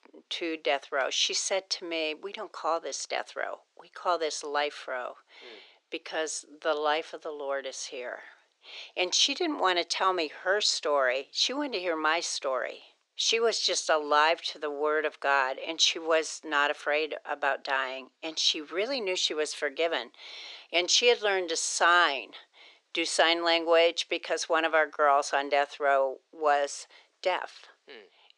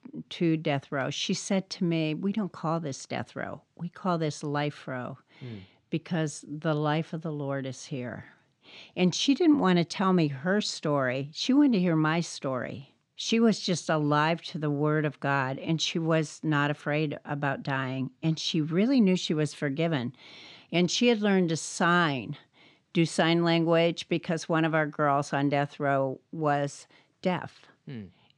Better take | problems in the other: second | thin; very; fading below 400 Hz

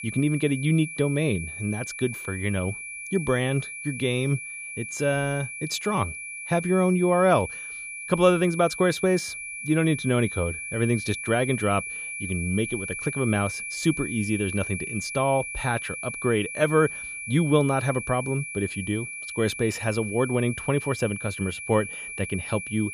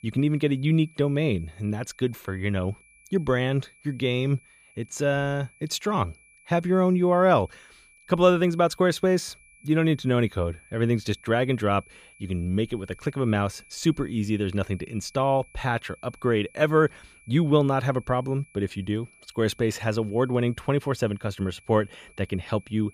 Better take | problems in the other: second | high-pitched whine; loud; throughout; 2.5 kHz, 7 dB below the speech; faint in the second

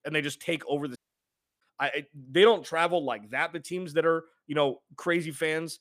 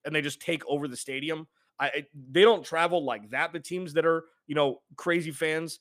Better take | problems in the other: second | audio cutting out; at 1 s for 0.5 s

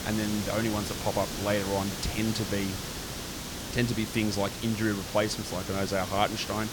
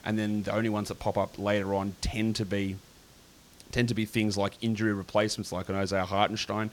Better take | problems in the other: second | hiss; loud; throughout; 5 dB below the speech; faint in the second

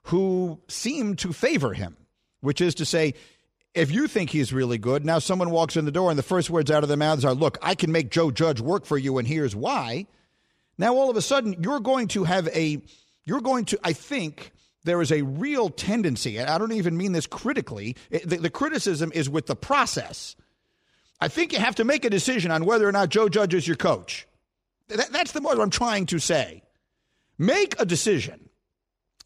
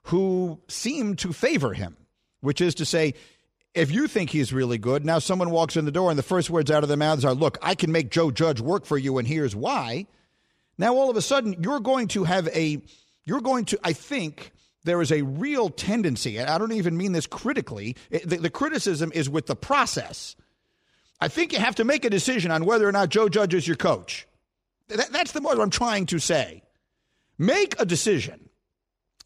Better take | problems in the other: neither | none

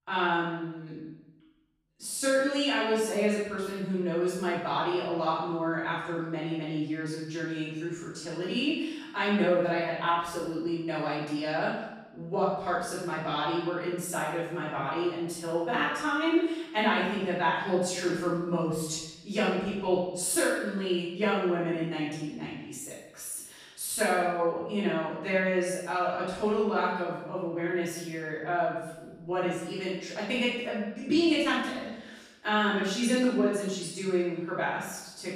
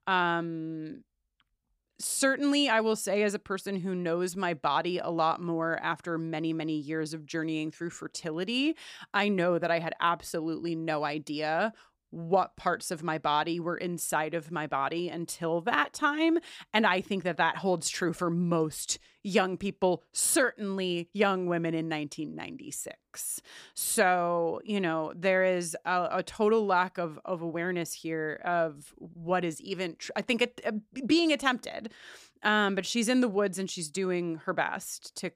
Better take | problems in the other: second | off-mic speech; far // room echo; strong; dies away in 0.8 s

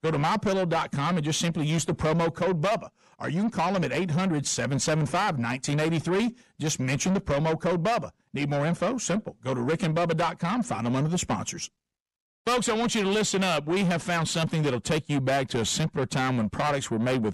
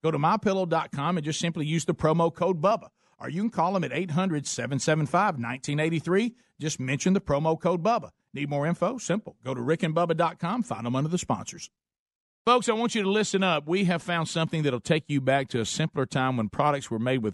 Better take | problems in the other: second | distortion; heavy; 7 dB below the speech

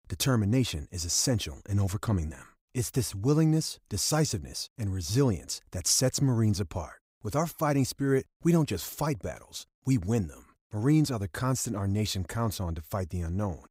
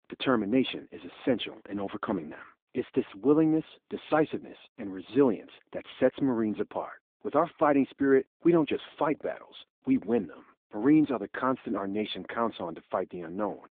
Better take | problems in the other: first | phone-call audio

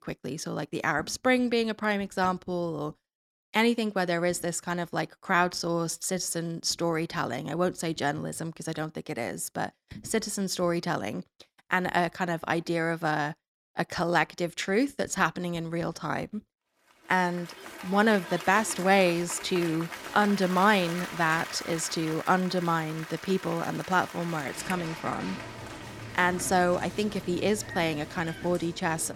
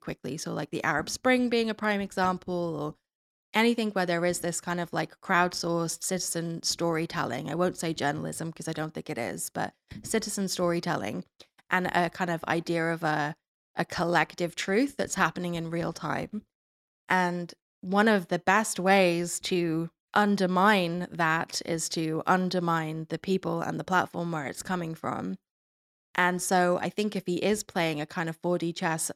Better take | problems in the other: second | crowd noise; noticeable; from 17 s on; 10 dB below the speech

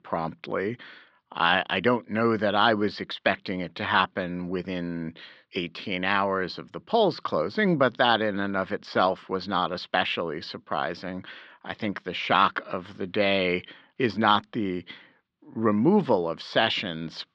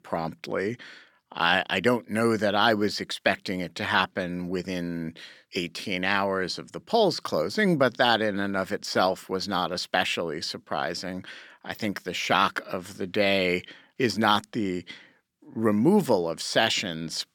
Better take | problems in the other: second | muffled; slightly; fading above 3.5 kHz

